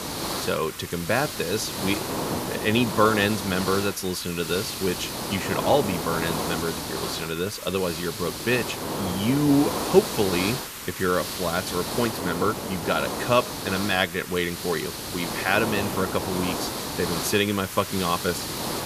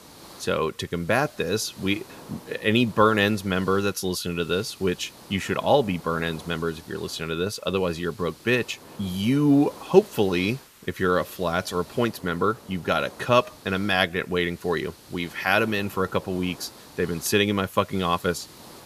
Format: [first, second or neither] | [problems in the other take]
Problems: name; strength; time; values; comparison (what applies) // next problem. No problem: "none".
second | hiss; loud; throughout; 4 dB below the speech; faint in the second